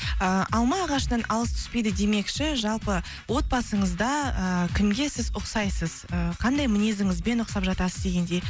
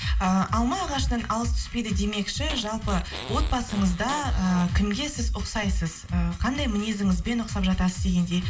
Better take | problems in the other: first | background sound (Fart); 15 dB below the speech // room echo; dies away in 0.5 s

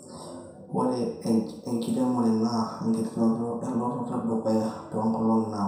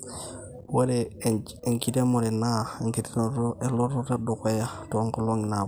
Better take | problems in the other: second | room echo; dies away in 0.7 s

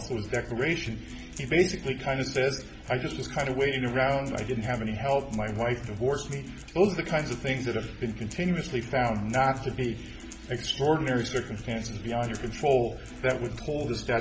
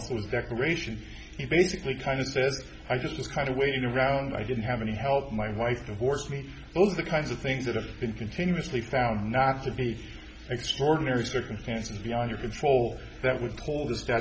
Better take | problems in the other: second | background sound (Acoustic guitar); 16 dB below the speech

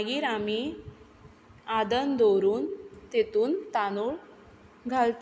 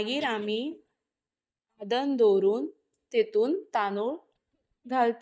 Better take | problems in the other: first | noise reduction (neural mask model DeepFilterNet 3)

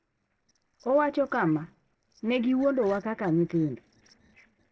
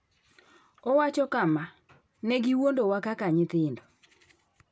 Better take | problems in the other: second | noise reduction (neural separator model SepFormer DNS4)

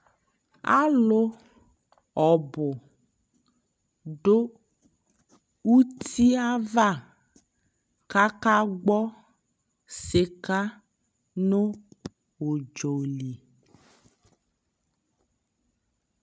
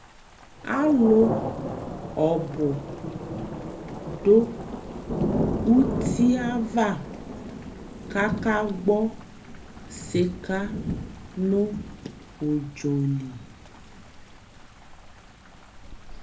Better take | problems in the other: first | background sound (Thunder / Rain); 7 dB below the speech // room echo; dies away in 0.3 s

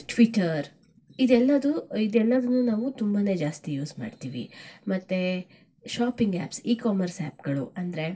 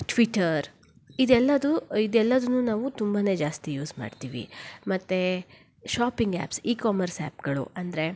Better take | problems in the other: second | noise reduction (neural separator model SepFormer DNS4)

